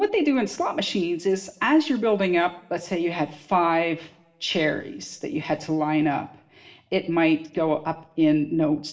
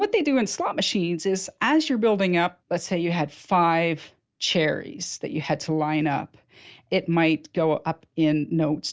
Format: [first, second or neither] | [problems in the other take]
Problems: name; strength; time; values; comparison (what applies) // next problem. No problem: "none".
second | room echo; dies away in 0.7 s